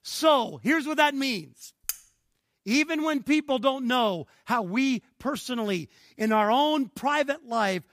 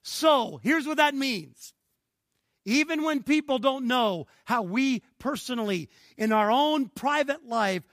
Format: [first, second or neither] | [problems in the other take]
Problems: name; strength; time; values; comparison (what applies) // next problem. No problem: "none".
second | clattering dishes; very faint; at 2 s; peak 8 dB below the speech